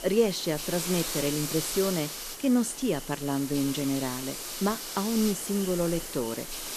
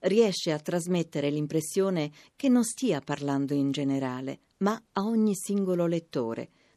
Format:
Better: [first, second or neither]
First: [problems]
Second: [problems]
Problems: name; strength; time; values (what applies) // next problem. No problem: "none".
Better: second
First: hiss; loud; throughout; 5 dB below the speech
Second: none